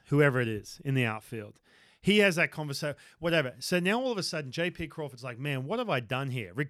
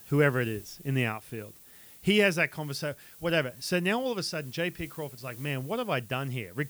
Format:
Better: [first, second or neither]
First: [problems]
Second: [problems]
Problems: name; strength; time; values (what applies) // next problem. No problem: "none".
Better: first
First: none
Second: hiss; noticeable; throughout; 20 dB below the speech